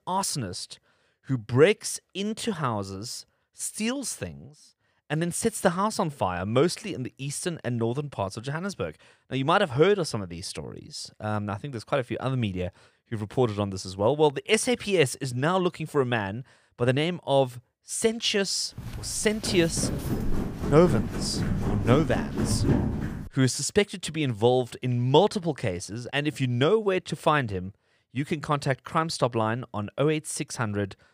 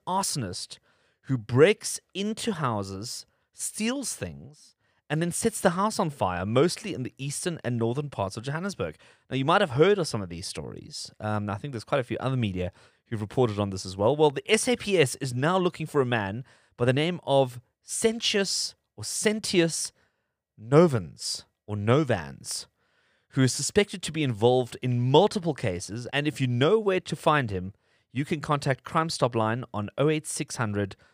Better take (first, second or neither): second